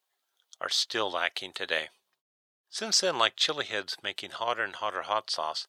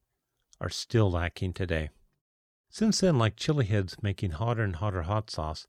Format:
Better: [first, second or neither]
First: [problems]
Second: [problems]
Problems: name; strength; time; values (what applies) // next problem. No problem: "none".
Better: second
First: thin; very; fading below 800 Hz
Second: none